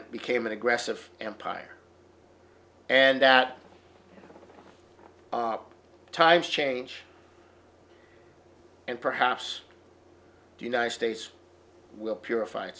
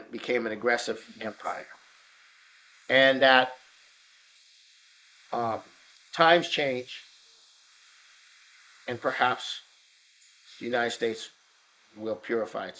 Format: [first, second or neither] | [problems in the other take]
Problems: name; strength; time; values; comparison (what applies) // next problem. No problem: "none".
first | noise reduction (neural mask model Resemble Enhance denoiser)